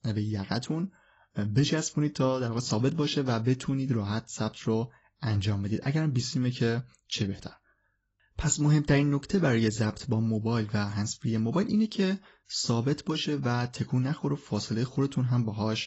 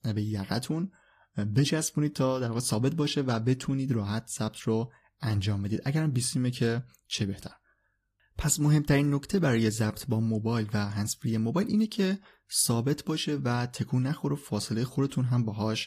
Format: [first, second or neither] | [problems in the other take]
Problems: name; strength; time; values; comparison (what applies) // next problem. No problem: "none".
second | garbled, watery; badly; nothing above 7.5 kHz; slightly in the second